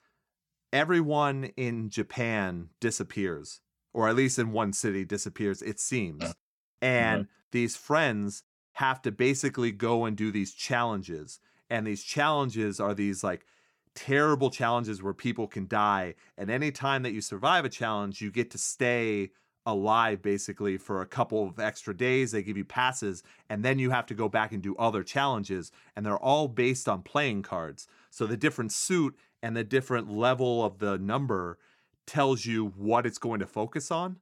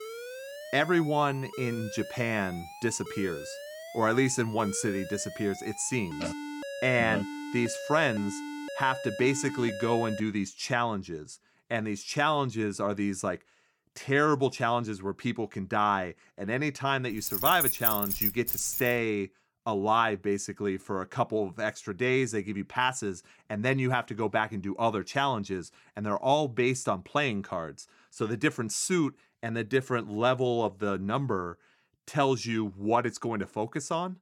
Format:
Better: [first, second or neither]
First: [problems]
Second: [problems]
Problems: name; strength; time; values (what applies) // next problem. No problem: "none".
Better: first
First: none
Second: alarm; noticeable; until 10 s; peak 8 dB below the speech // jangling keys; loud; from 17 to 19 s; peak 5 dB above the speech